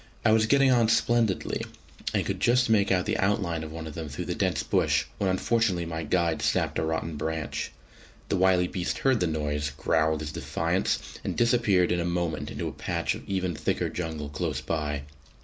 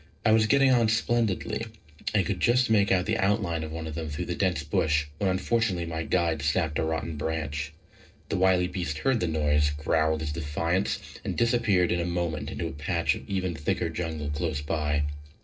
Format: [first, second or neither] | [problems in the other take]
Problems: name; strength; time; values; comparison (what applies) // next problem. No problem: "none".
first | noise reduction (neural separator model SepFormer DNS4)